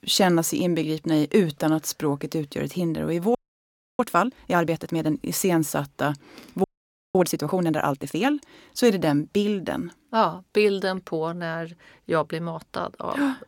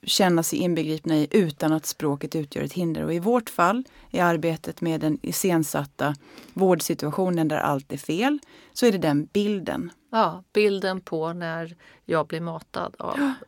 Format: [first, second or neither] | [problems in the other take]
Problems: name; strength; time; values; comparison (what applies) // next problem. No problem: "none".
second | audio freezing; at 3.5 s for 0.5 s and at 6.5 s for 0.5 s